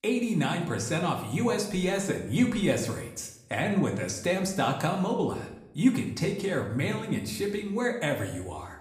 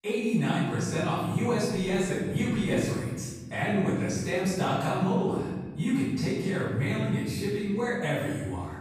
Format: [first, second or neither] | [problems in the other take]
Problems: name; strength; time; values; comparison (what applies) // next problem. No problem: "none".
first | room echo; strong; dies away in 1.4 s; slight in the first // off-mic speech; far; somewhat distant in the first